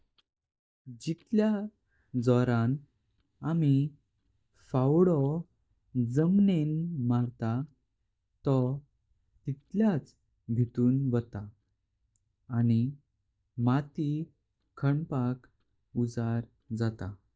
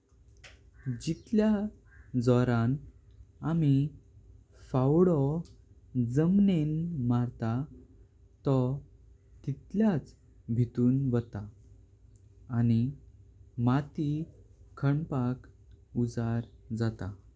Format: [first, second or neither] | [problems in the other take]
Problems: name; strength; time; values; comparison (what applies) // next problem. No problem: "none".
second | noise reduction (neural mask model DeepFilterNet 3)